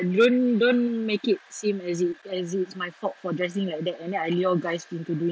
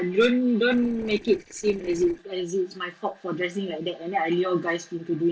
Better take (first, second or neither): first